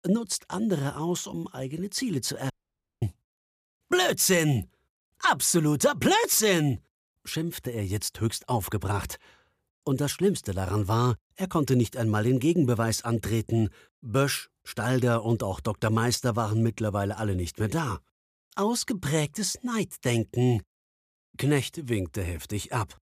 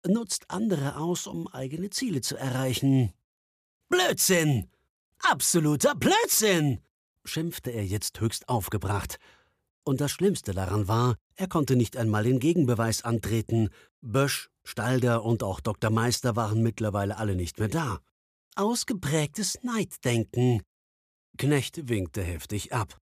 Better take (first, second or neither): second